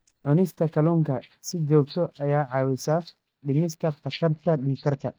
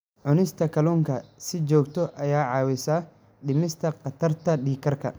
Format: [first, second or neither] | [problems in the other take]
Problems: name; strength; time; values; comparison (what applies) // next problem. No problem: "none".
second | noise reduction (neural mask model DeepFilterNet 3)